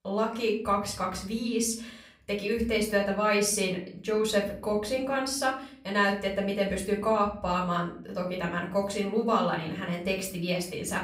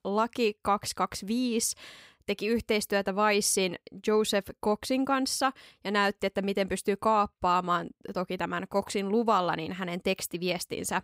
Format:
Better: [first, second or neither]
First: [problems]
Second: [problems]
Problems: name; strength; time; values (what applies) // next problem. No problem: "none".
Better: second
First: room echo; slight; dies away in 0.6 s // off-mic speech; far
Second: none